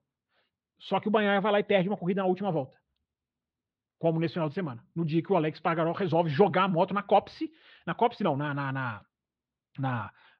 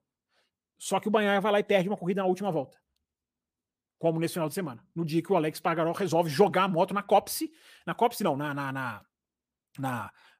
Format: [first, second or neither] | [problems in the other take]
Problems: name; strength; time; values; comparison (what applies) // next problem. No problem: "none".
second | muffled; slightly; fading above 4 kHz